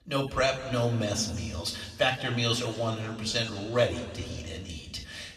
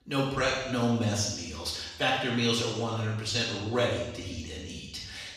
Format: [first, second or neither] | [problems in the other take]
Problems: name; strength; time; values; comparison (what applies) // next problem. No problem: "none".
first | room echo; strong; dies away in 0.9 s; slight in the first // off-mic speech; far; somewhat distant in the first